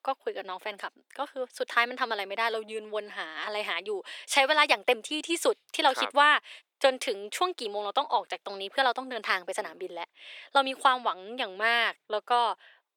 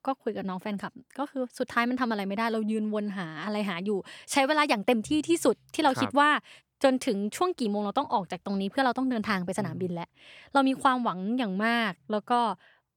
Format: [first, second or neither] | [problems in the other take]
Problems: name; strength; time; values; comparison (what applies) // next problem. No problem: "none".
second | thin; very; fading below 400 Hz